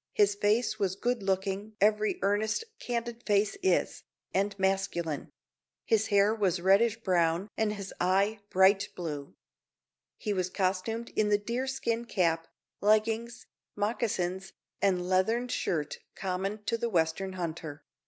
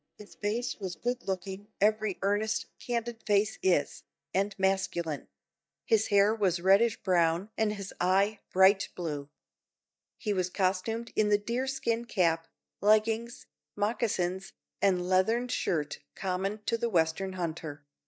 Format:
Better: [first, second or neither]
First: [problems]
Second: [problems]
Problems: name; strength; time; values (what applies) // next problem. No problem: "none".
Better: first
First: none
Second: noise reduction (neural mask model DeepFilterNet 3)